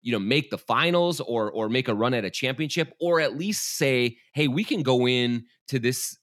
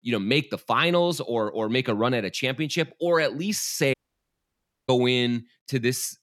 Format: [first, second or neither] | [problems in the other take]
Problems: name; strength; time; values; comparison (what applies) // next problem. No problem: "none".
first | audio cutting out; at 4 s for 1 s